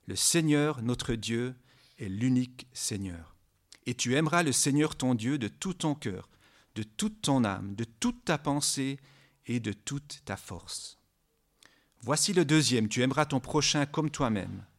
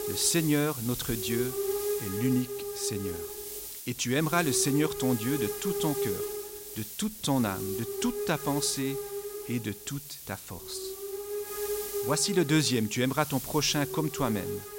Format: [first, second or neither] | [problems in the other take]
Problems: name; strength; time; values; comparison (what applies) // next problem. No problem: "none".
first | hiss; loud; throughout; 5 dB below the speech